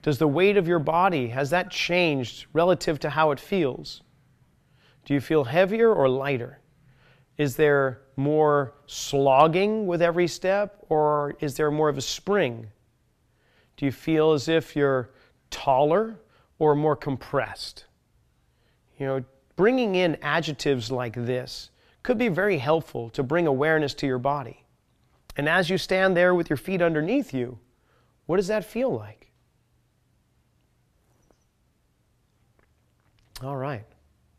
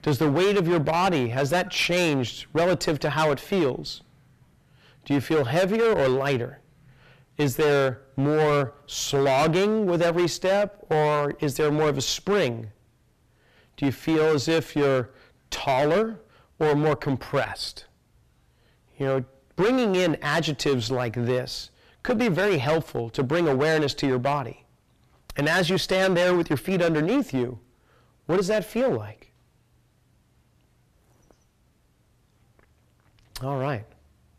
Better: first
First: none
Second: distortion; heavy; 12% of the sound clipped

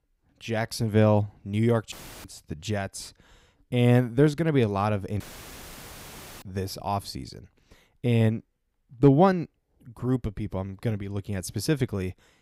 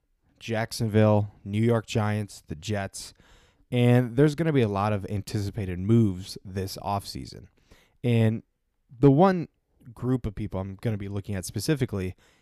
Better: second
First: audio cutting out; filled with static; at 2 s and at 5 s for 1 s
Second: none

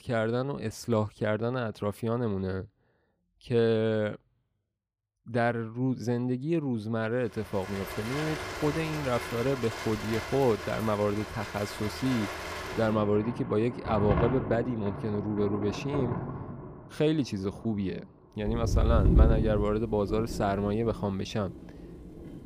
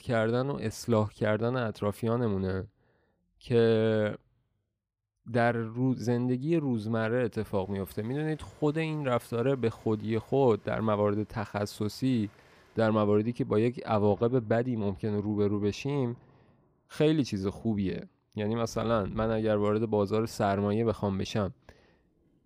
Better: second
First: rain or running water; loud; from 7.5 s on; 4 dB below the speech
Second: rain or running water; faint; from 7.5 s on; 30 dB below the speech

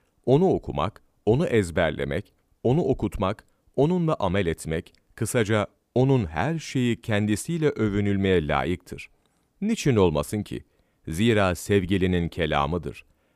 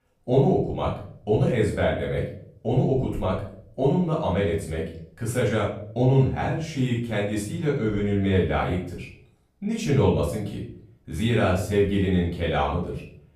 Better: first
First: none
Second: off-mic speech; far // room echo; noticeable; dies away in 0.5 s

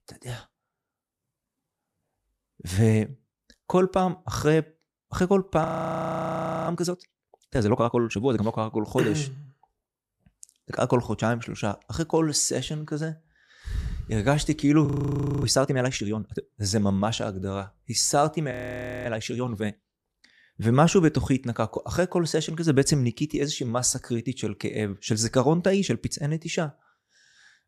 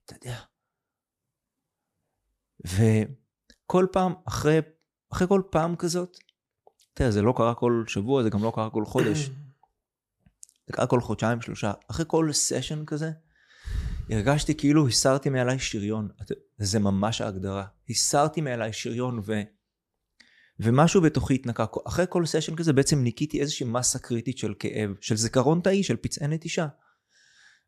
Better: second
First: audio freezing; at 5.5 s for 1 s, at 15 s for 0.5 s and at 19 s for 0.5 s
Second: none

